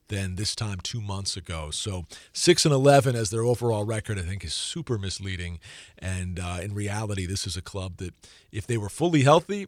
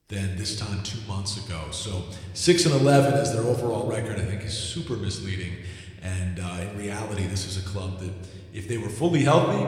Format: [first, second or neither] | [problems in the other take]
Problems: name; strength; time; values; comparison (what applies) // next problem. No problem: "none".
first | room echo; slight; dies away in 1.6 s